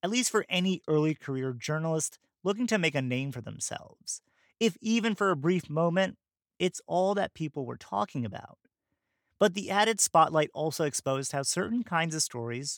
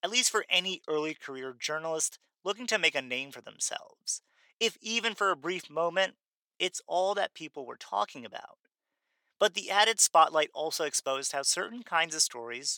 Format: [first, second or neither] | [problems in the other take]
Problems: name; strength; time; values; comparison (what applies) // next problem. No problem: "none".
first | thin; very; fading below 500 Hz